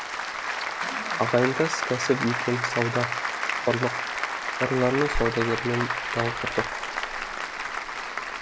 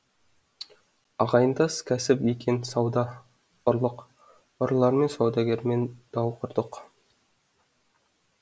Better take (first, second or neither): second